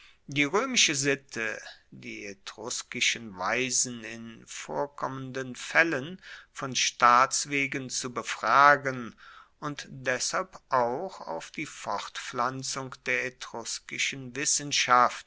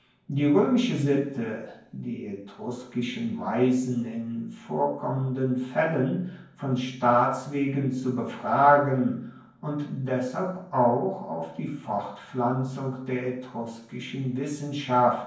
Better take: first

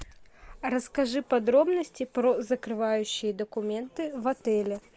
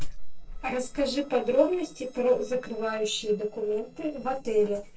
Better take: first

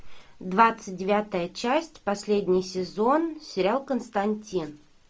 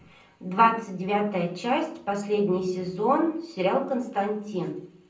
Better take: first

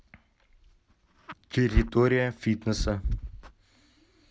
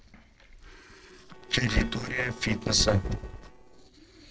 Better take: first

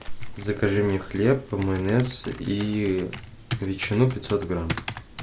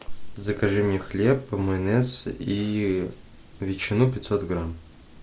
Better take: second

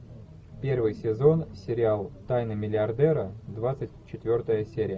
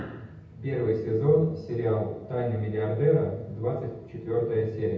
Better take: first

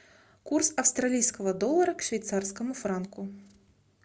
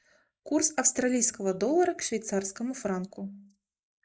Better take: first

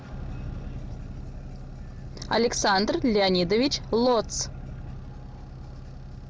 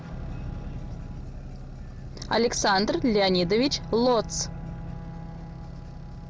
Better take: first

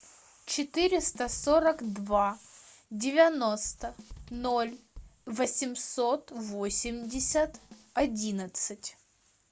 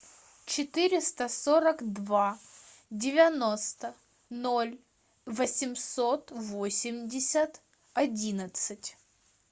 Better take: second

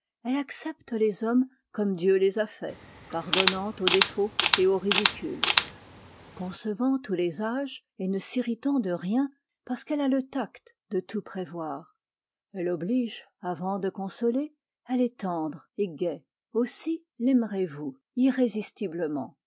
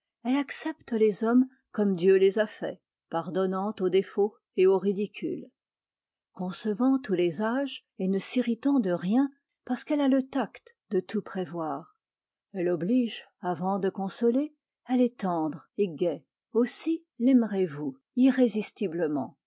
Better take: second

